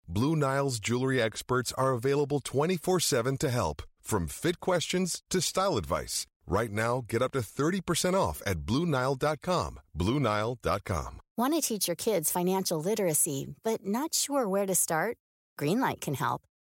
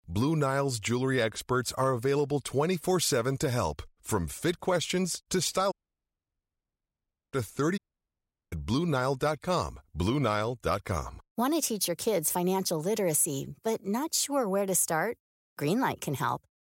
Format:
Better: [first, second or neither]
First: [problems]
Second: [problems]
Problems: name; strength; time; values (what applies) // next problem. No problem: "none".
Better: first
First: none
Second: audio cutting out; at 5.5 s for 1.5 s and at 8 s for 0.5 s